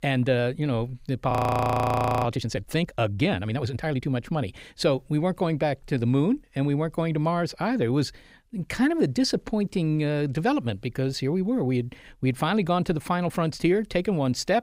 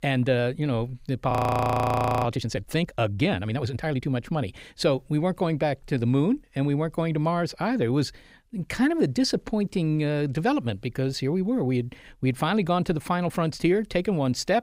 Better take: neither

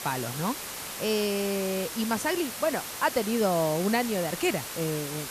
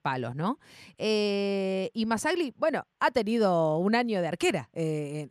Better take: second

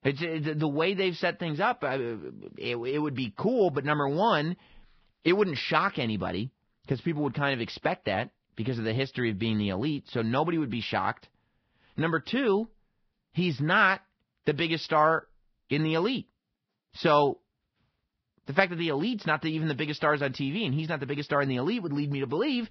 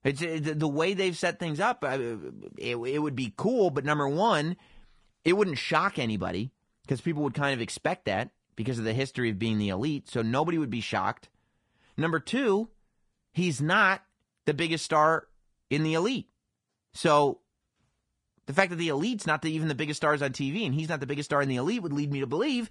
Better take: second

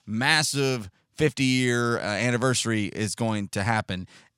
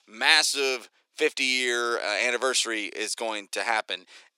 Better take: first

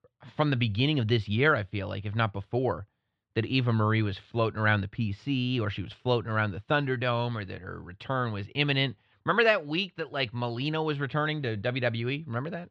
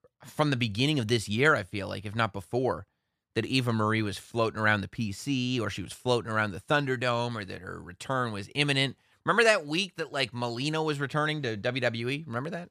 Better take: second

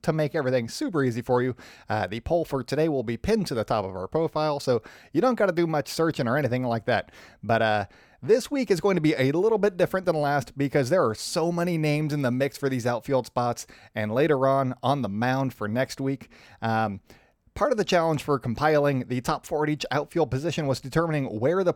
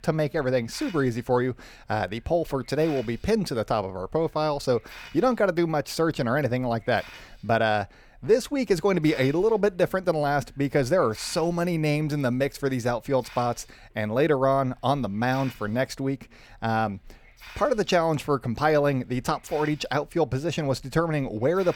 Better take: first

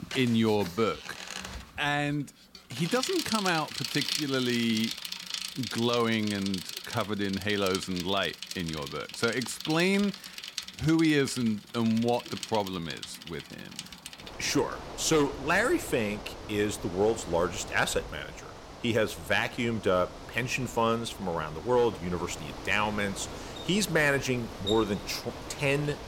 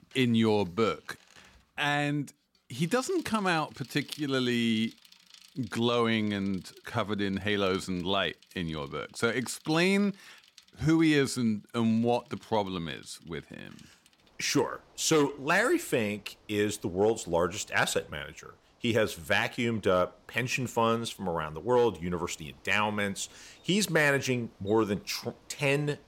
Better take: second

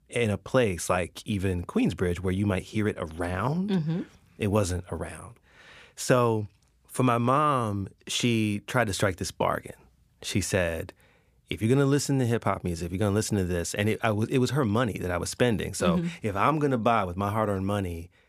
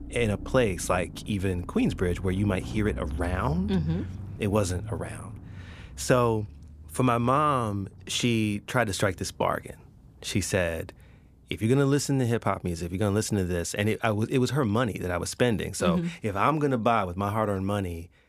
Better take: first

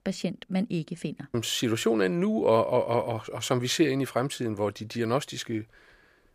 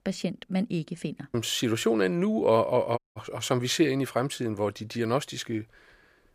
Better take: first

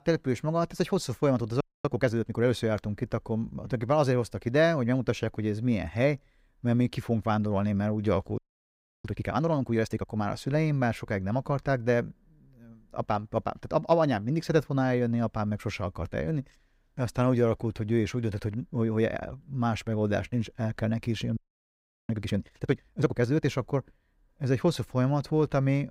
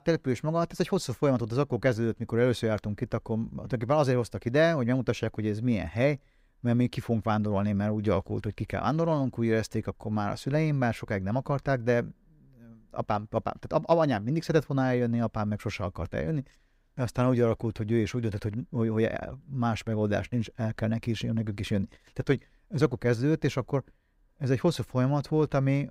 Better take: second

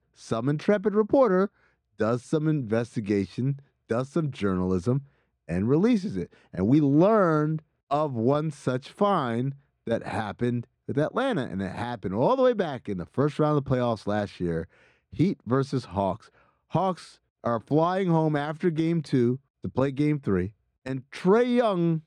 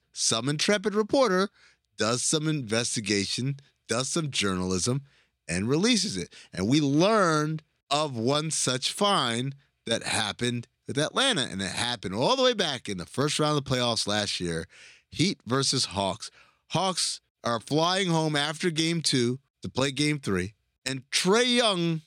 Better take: second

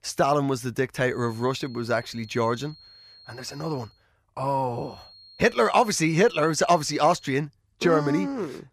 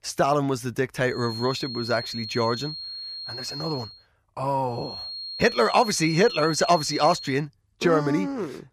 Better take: first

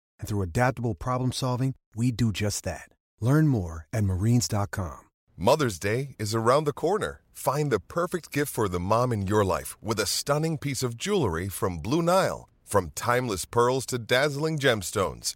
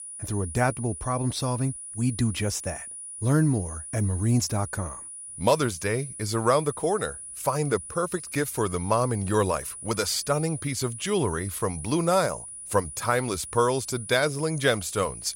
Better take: first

